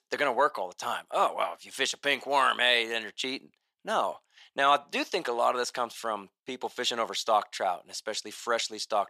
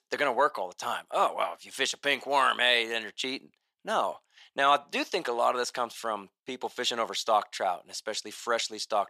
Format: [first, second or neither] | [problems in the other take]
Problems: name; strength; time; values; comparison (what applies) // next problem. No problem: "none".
neither | thin; very; fading below 600 Hz; the same in both